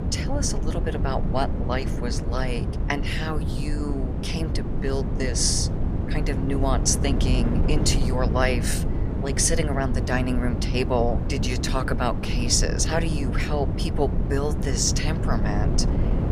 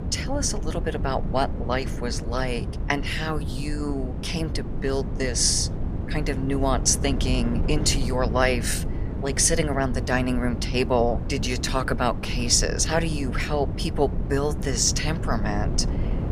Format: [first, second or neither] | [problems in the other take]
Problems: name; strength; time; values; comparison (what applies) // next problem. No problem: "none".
second | wind noise on the microphone; heavy; 7 dB below the speech; occasional gusts in the second